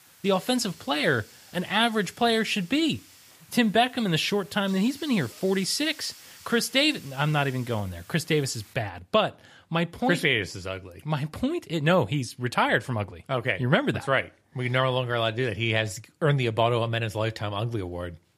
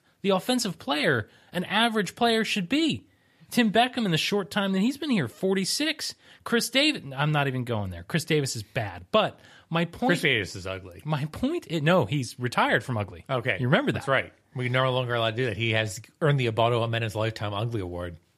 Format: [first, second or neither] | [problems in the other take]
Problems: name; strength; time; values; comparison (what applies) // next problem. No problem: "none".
second | hiss; faint; until 8.5 s; 20 dB below the speech